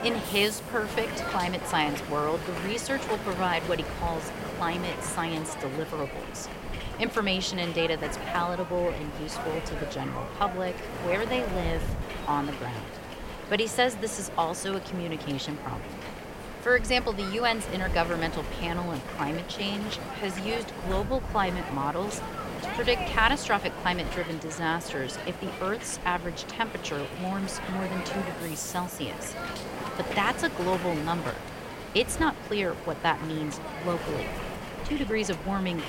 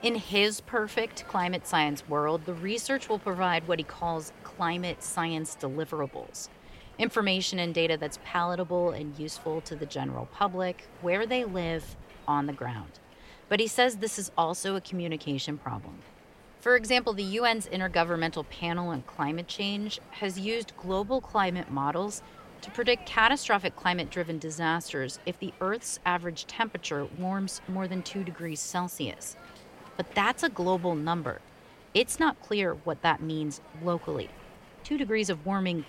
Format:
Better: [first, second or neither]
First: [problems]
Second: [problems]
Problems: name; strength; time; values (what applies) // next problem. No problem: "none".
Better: second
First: hiss; loud; throughout; 6 dB below the speech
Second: hiss; faint; throughout; 20 dB below the speech